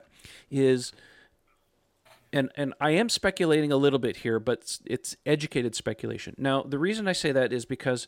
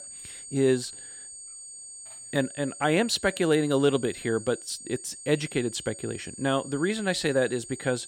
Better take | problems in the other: first | high-pitched whine; noticeable; throughout; 8.5 kHz, 15 dB below the speech

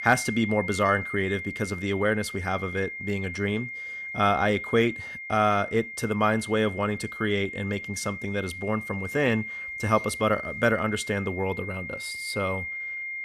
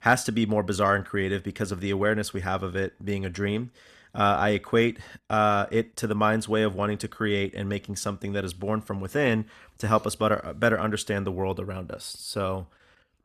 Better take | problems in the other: second | high-pitched whine; loud; throughout; 2 kHz, 7 dB below the speech

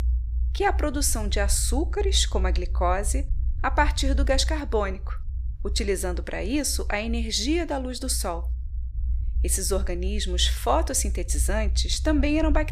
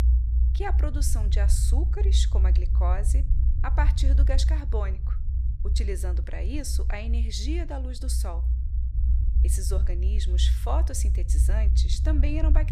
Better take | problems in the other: first | low rumble; loud; throughout; 9 dB below the speech; faint in the first

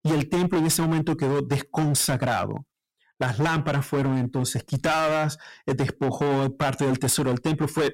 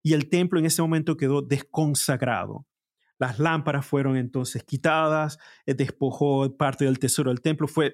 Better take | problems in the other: second | distortion; heavy; 21% of the sound clipped

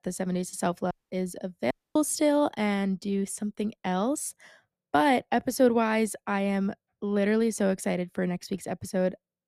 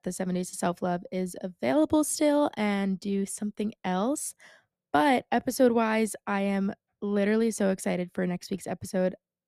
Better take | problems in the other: second | audio cutting out; at 1 s and at 1.5 s

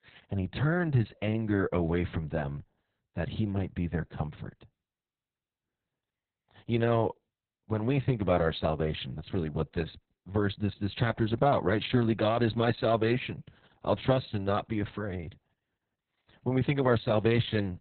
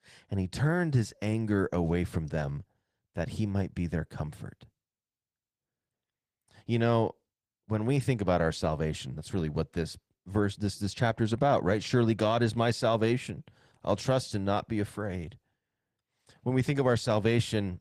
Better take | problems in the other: second | garbled, watery; badly; nothing above 4 kHz; slightly in the second

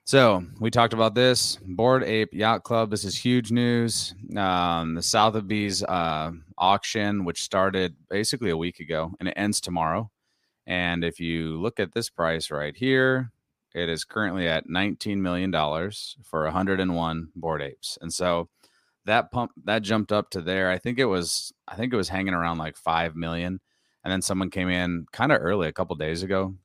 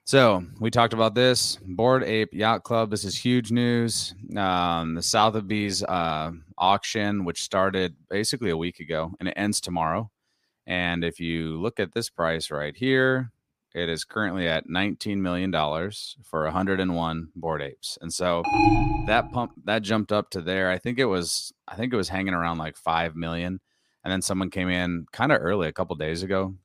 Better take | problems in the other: first | alarm; loud; at 18 s; peak 5 dB above the speech

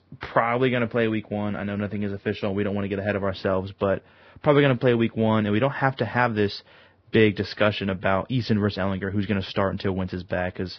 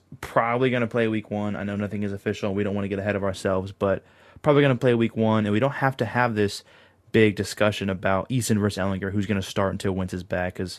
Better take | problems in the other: second | garbled, watery; badly; nothing above 5 kHz; slightly in the second

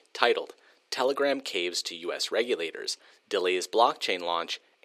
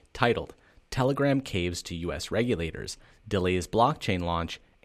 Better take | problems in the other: second | thin; somewhat; fading below 350 Hz

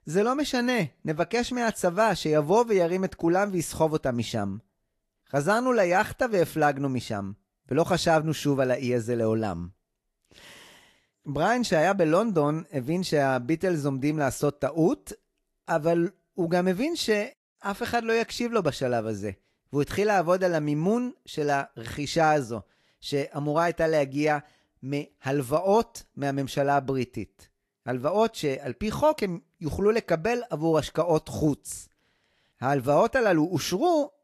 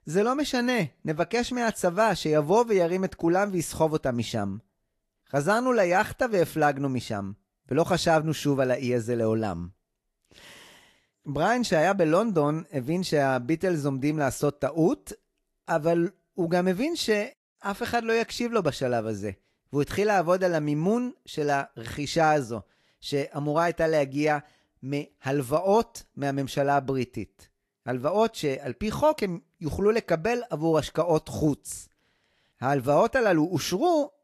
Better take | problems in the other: neither | garbled, watery; slightly; nothing above 12.5 kHz; the same in both

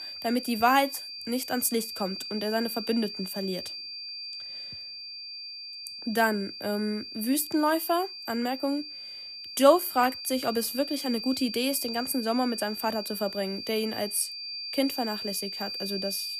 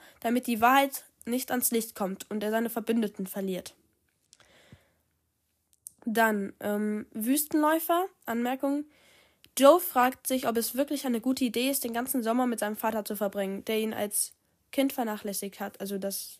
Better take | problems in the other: second | high-pitched whine; loud; throughout; 4.5 kHz, 7 dB below the speech

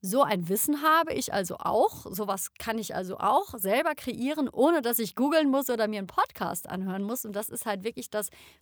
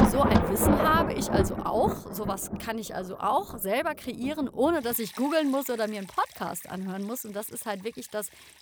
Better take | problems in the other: first | rain or running water; very loud; throughout; 2 dB above the speech

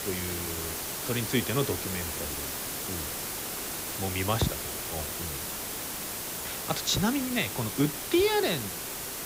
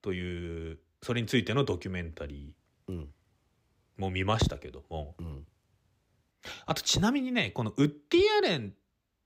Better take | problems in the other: second | hiss; loud; throughout; 3 dB below the speech

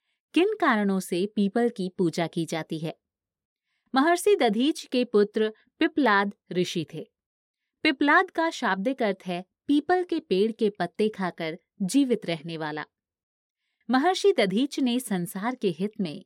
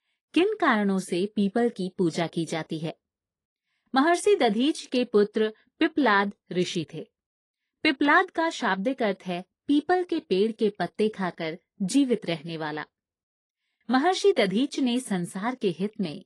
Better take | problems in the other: first | garbled, watery; slightly; nothing above 10.5 kHz

